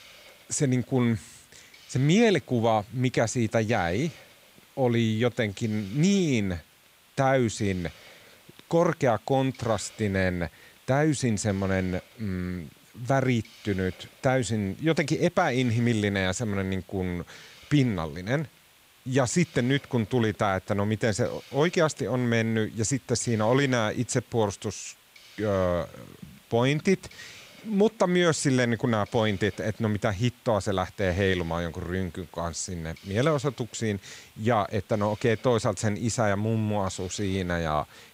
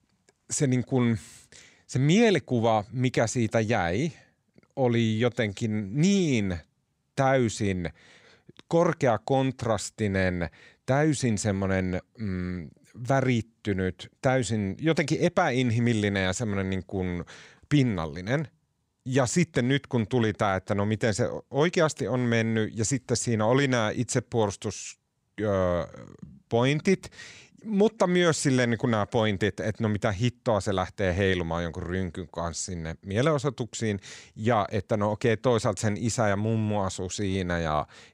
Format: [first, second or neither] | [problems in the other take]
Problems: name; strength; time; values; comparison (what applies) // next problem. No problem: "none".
second | hiss; faint; throughout; 25 dB below the speech